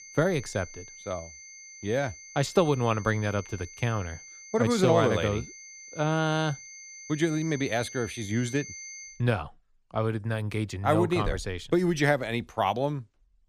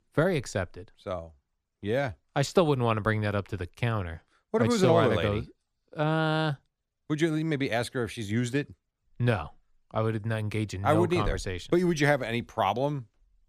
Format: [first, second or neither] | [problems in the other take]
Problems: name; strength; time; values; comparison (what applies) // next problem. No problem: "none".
second | high-pitched whine; noticeable; until 9 s; 6 kHz, 15 dB below the speech